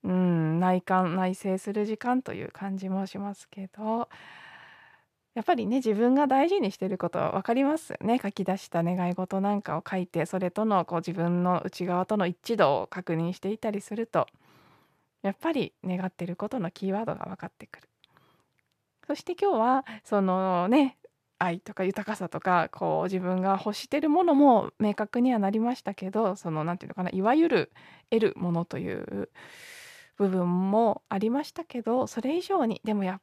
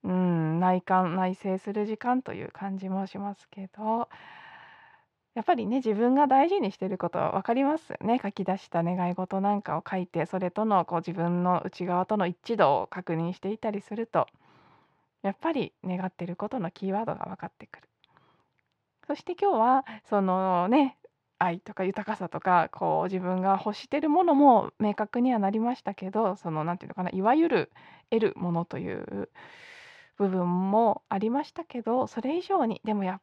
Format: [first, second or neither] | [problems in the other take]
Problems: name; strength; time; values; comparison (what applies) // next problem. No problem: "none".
first | muffled; very slightly; fading above 4 kHz